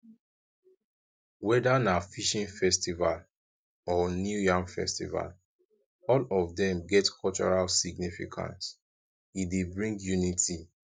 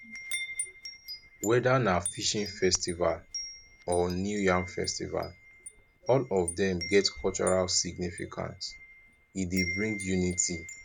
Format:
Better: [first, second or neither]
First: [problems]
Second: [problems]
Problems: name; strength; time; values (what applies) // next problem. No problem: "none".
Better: first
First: none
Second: background sound (Wind chime); 11 dB below the speech